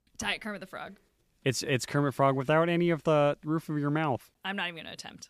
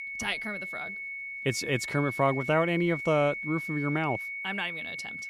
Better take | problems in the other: first | high-pitched whine; loud; throughout; 2 kHz, 5 dB below the speech

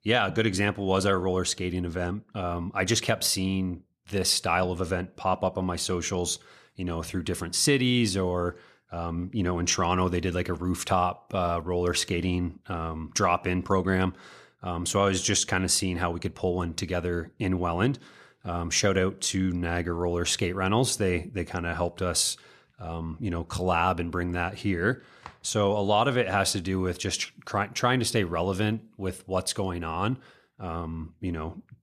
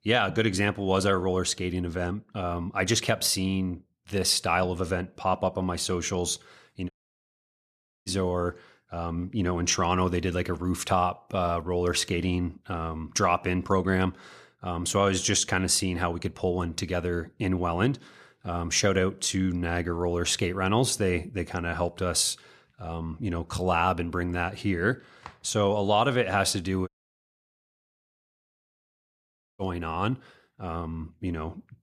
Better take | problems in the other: first | audio cutting out; at 7 s for 1 s and at 27 s for 2.5 s

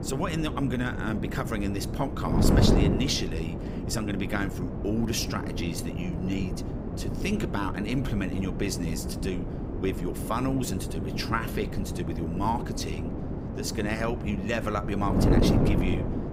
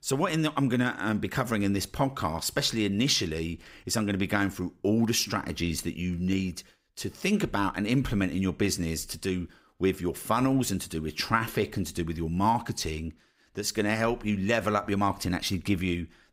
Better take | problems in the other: second | wind noise on the microphone; heavy; 3 dB below the speech

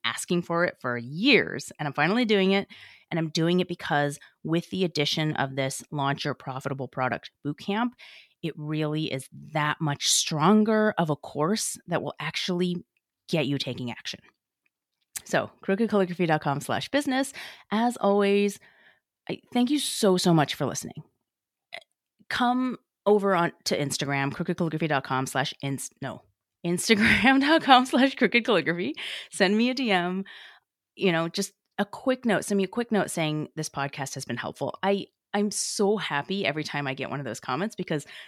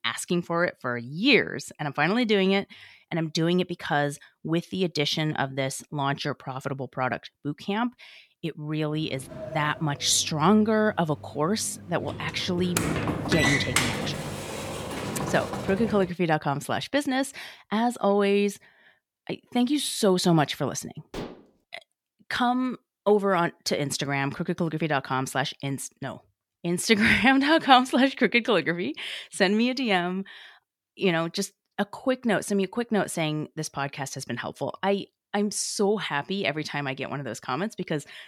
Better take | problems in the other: first | door banging; loud; from 9.5 to 16 s; peak 3 dB above the speech // clattering dishes; faint; at 21 s; peak 10 dB below the speech

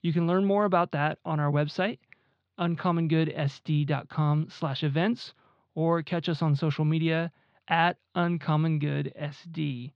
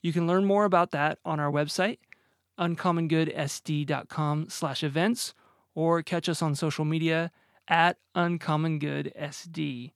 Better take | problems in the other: second | muffled; very slightly; fading above 4 kHz

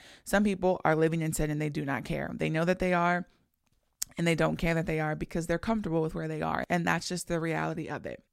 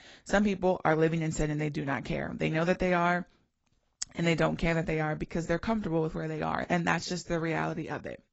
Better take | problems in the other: first | garbled, watery; badly; nothing above 8 kHz

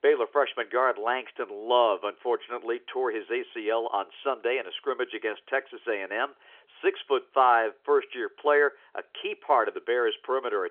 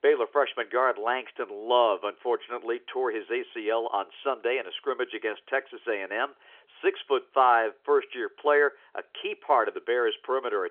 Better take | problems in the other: neither | phone-call audio; nothing above 3.5 kHz; the same in both

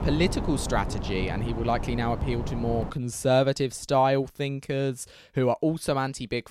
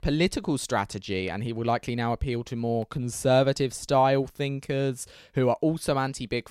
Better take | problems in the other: second | wind noise on the microphone; occasional gusts; until 3 s; 10 dB below the speech

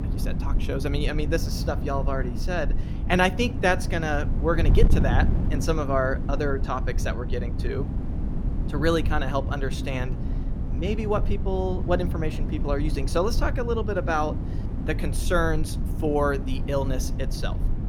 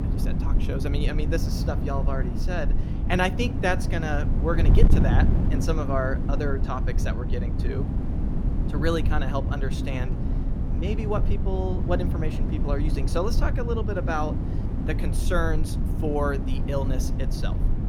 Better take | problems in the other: first | wind noise on the microphone; heavy; 7 dB below the speech; occasional gusts in the first

